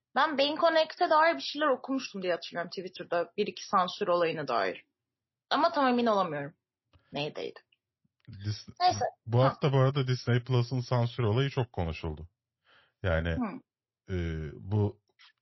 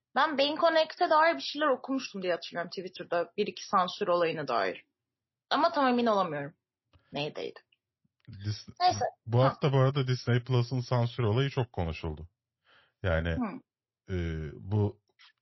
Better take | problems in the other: neither | garbled, watery; slightly; nothing above 5.5 kHz; the same in both

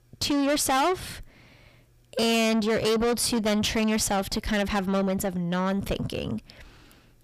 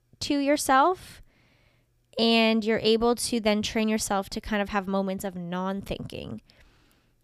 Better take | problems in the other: second | distortion; heavy; 6 dB below the speech

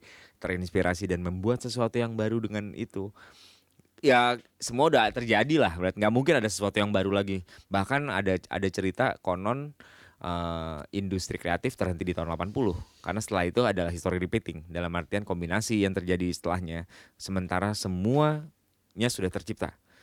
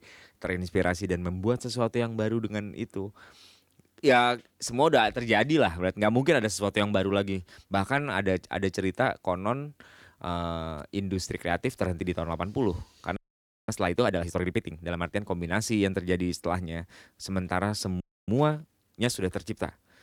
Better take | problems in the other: first | audio freezing; at 13 s for 0.5 s and at 18 s

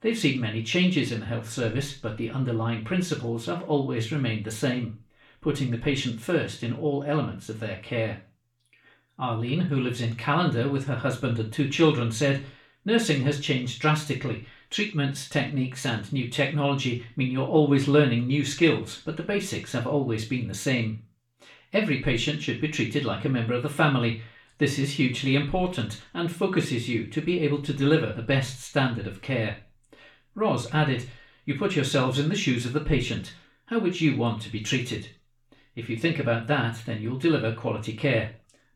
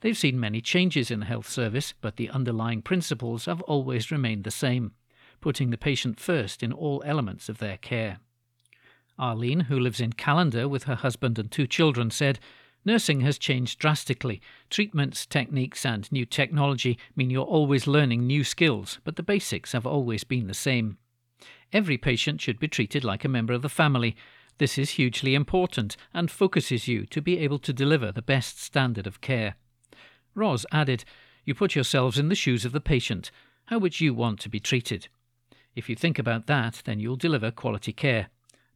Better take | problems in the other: second | room echo; slight; dies away in 0.3 s // off-mic speech; far

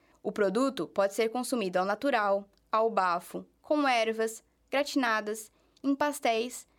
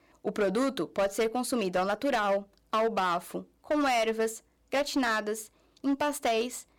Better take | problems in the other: first | distortion; slight; 10% of the sound clipped

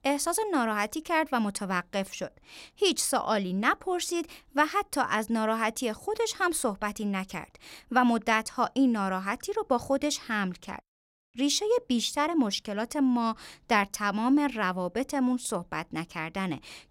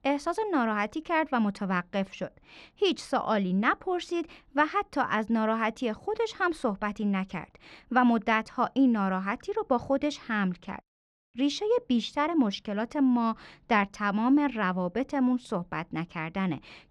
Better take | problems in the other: first | muffled; slightly; fading above 3 kHz

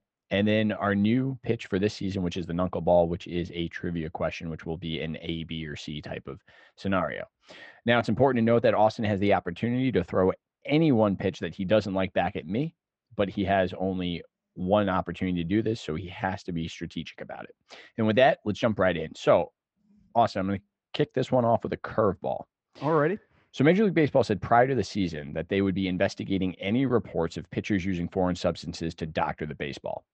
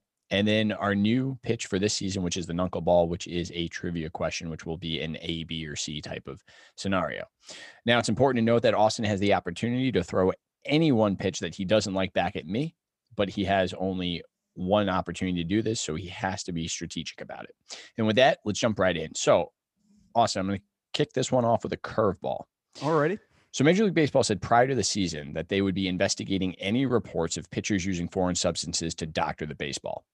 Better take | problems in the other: second | muffled; slightly; fading above 2.5 kHz

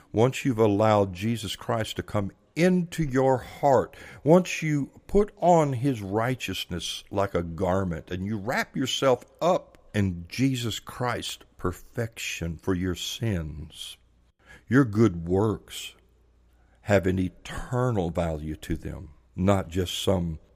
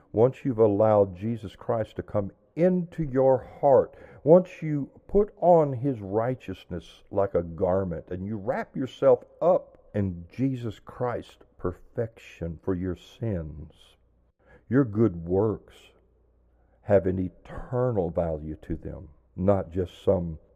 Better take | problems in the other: first | muffled; very; fading above 2 kHz

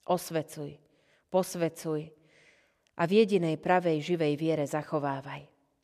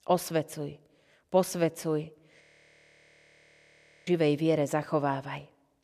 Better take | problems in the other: first | audio freezing; at 2.5 s for 1.5 s

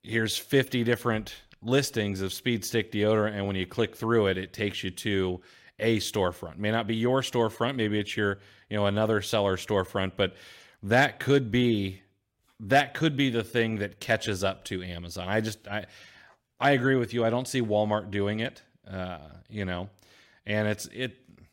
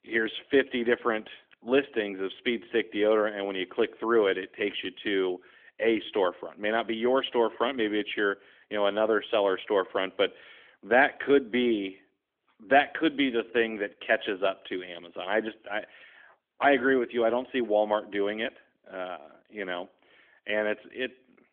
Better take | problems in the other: first | phone-call audio; nothing above 3.5 kHz

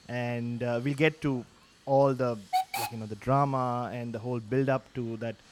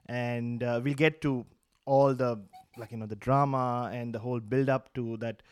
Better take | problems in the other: second | hiss; loud; throughout; 3 dB below the speech; faint in the second

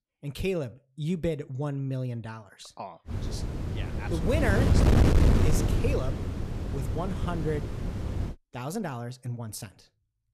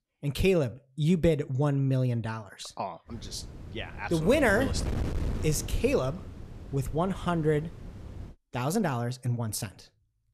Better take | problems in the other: second | wind noise on the microphone; heavy; from 3 to 8.5 s; as loud as the speech; occasional gusts in the second

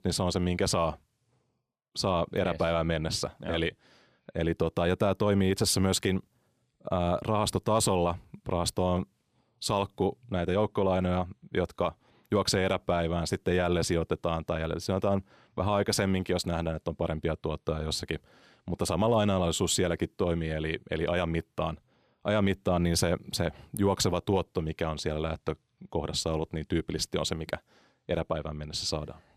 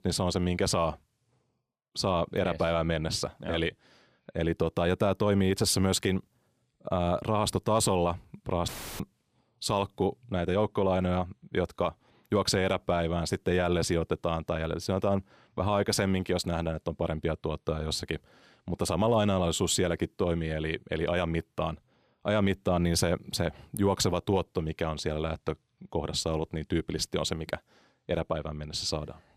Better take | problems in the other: first | audio cutting out; filled with static; at 8.5 s

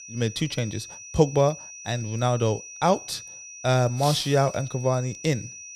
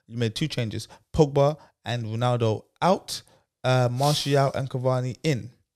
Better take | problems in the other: second | high-pitched whine; noticeable; throughout; 6 kHz, 15 dB below the speech

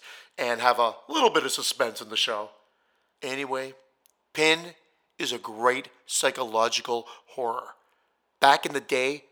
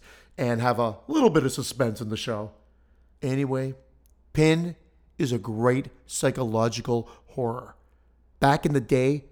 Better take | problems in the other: second | thin; very; fading below 600 Hz

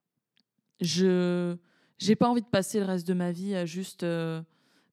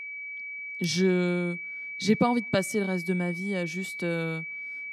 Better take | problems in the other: first | high-pitched whine; loud; throughout; 2.5 kHz, 7 dB below the speech

